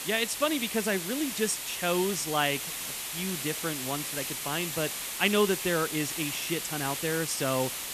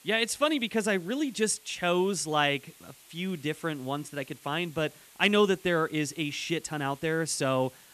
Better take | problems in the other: second | hiss; loud; throughout; 3 dB below the speech; faint in the second

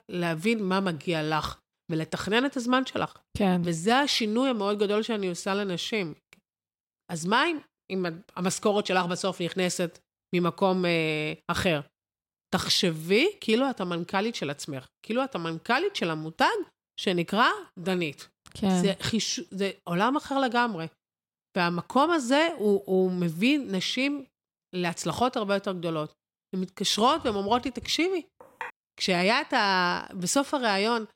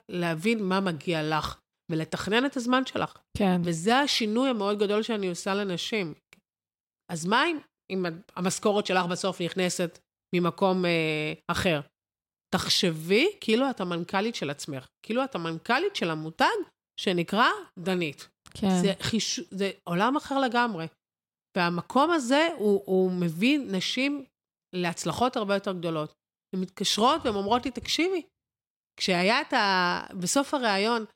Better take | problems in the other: second | clattering dishes; faint; at 28 s; peak 15 dB below the speech

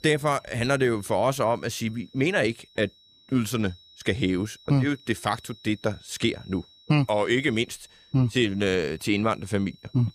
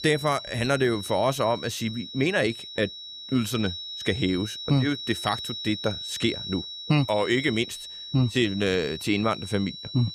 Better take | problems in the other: first | high-pitched whine; loud; throughout; 4 kHz, 9 dB below the speech; faint in the first

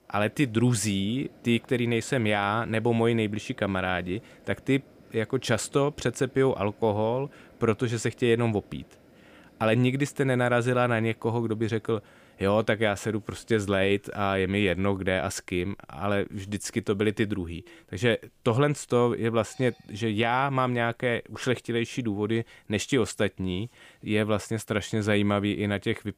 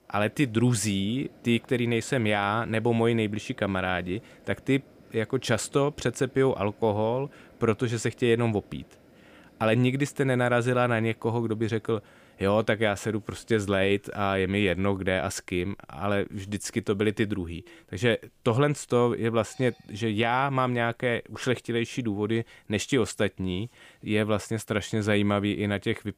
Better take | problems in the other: neither | household noises; faint; throughout; 30 dB below the speech; the same in both

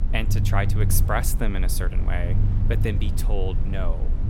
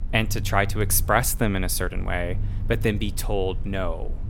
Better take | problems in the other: second | low rumble; loud; throughout; 9 dB below the speech; faint in the second

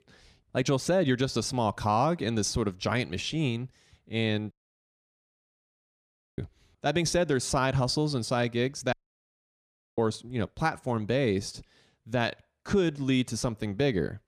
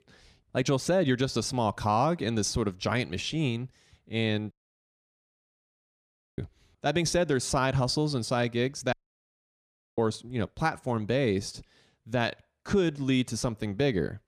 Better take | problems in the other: neither | audio cutting out; at 4.5 s for 2 s and at 9 s for 1 s; the same in both

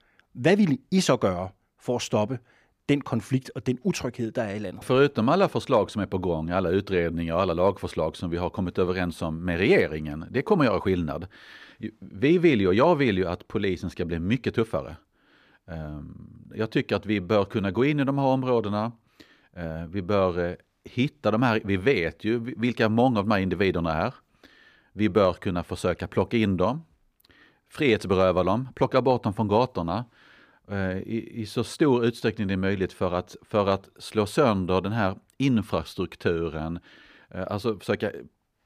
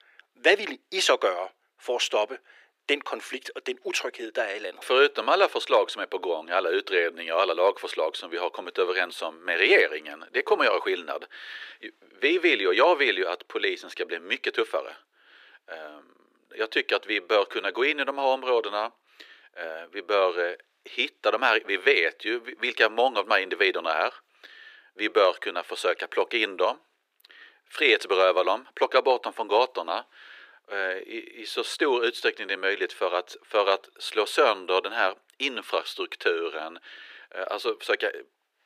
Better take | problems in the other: first | thin; very; fading below 350 Hz

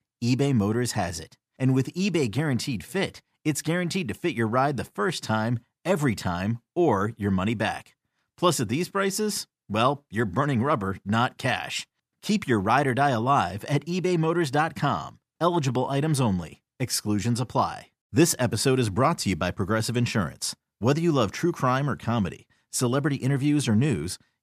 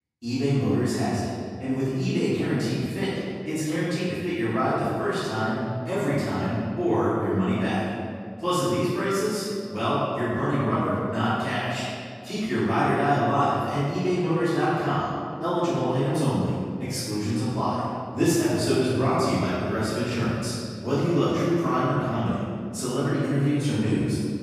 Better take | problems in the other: first | off-mic speech; far // room echo; strong; dies away in 2.1 s

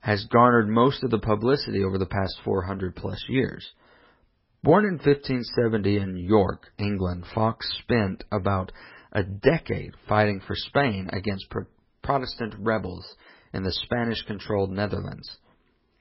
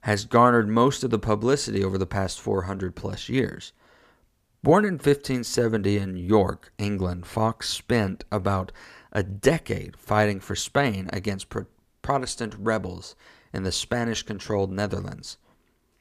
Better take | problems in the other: second | garbled, watery; badly; nothing above 5.5 kHz

